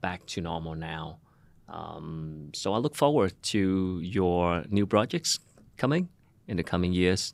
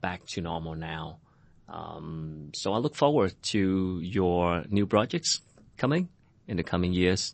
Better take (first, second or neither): first